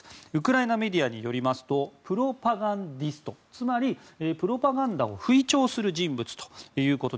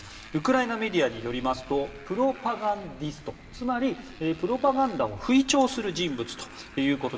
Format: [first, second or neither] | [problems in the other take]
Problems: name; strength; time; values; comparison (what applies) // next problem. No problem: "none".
first | background sound (Motorcycle); 19 dB below the speech // room echo; dies away in 1.6 s